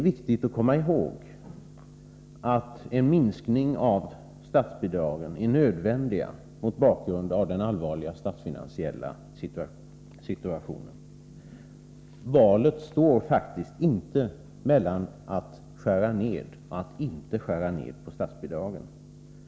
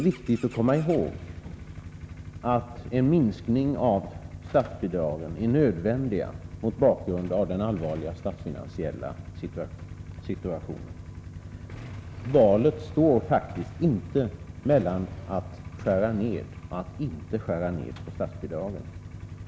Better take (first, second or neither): first